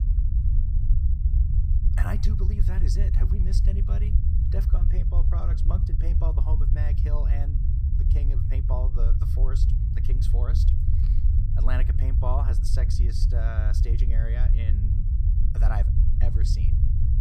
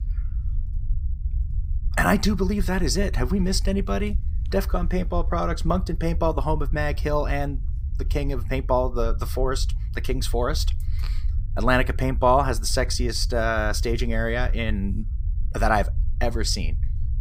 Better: second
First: low rumble; loud; throughout; 2 dB below the speech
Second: low rumble; faint; throughout; 25 dB below the speech

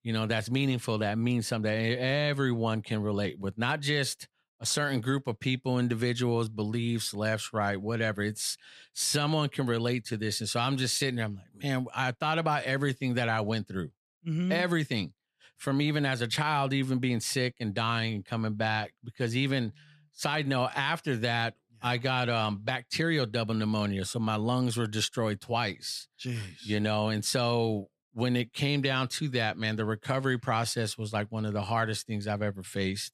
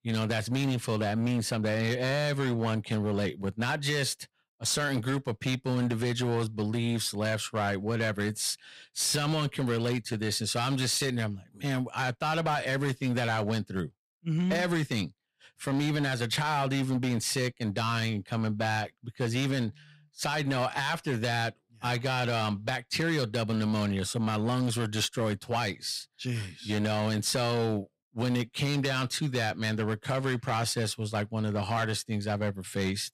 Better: first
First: none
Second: distortion; slight; 9% of the sound clipped

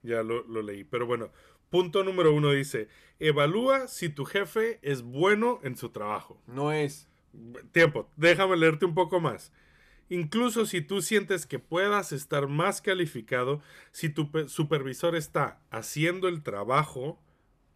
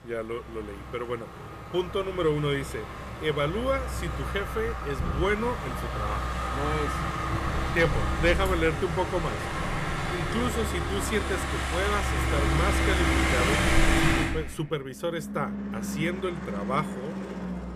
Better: first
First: none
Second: traffic noise; very loud; throughout; 1 dB above the speech

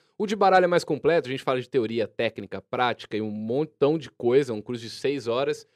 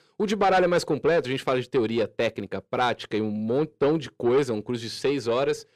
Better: first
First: none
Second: distortion; slight; 10 dB below the speech

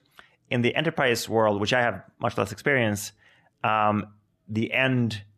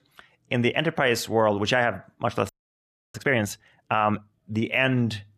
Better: first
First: none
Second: audio freezing; at 2.5 s for 0.5 s

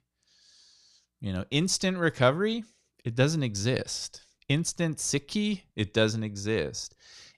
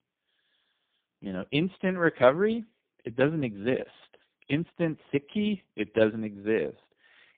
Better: first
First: none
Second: phone-call audio; poor line; nothing above 3.5 kHz

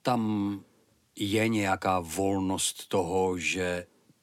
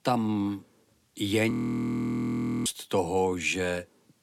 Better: first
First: none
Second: audio freezing; at 1.5 s for 1 s

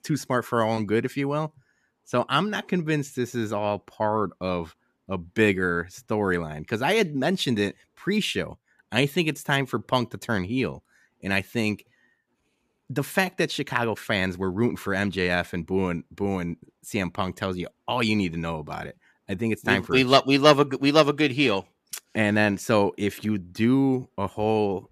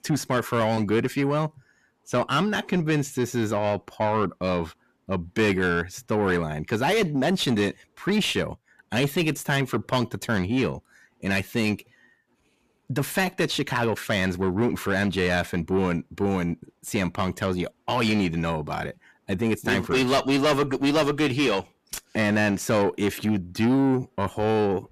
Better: first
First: none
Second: distortion; heavy; 7 dB below the speech

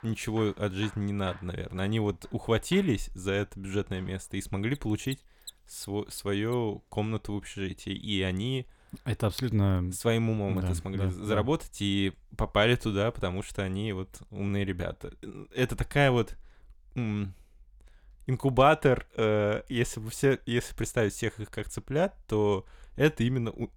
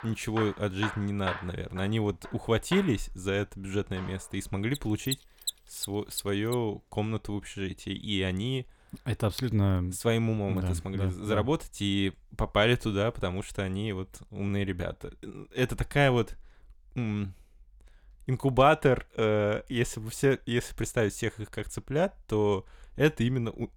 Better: first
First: machinery noise; faint; until 6.5 s; 20 dB below the speech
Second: machinery noise; loud; until 6.5 s; 9 dB below the speech

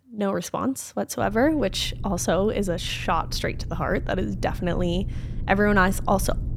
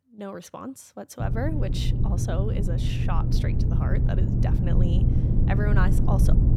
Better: first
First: low rumble; faint; from 1 s on; 20 dB below the speech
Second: low rumble; loud; from 1 s on; 1 dB below the speech

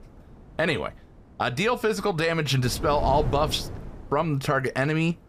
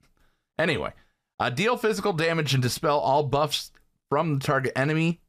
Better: second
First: wind noise on the microphone; occasional gusts; 15 dB below the speech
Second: none

